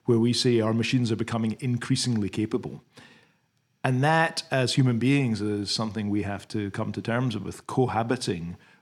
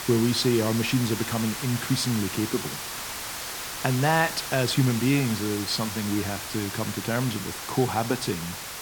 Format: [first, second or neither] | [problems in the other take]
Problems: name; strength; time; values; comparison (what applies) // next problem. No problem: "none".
first | hiss; loud; throughout; 6 dB below the speech